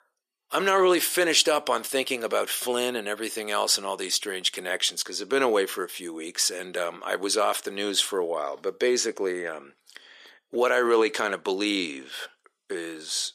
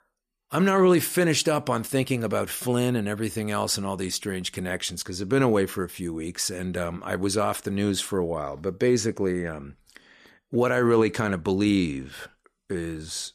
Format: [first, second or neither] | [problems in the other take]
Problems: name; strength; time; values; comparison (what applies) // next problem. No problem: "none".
second | thin; somewhat; fading below 400 Hz